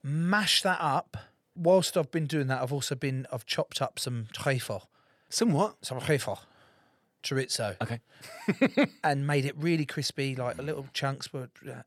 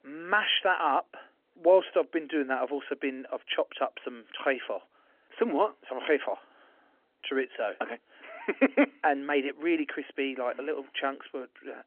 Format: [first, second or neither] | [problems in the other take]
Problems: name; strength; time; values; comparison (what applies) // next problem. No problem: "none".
first | phone-call audio; nothing above 3.5 kHz